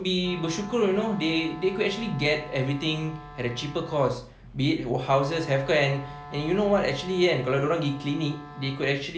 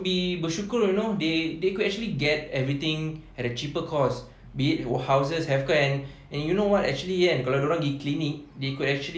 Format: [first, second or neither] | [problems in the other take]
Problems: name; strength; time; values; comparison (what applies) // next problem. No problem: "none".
second | background sound (Wind instrument, woodwind instrument); 16 dB below the speech